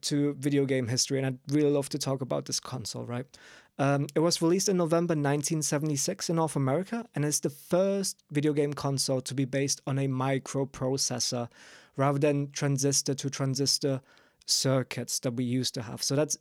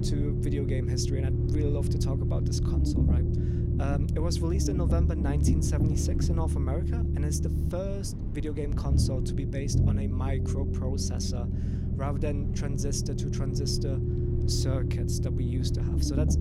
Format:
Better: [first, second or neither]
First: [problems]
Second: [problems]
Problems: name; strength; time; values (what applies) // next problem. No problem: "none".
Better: first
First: none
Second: low rumble; loud; throughout; 1 dB below the speech